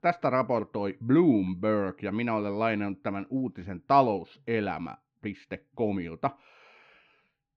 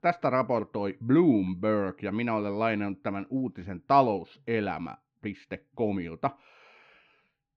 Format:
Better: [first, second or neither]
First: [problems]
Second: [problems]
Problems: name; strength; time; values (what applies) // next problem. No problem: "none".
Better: neither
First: muffled; slightly; fading above 2.5 kHz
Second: muffled; slightly; fading above 2.5 kHz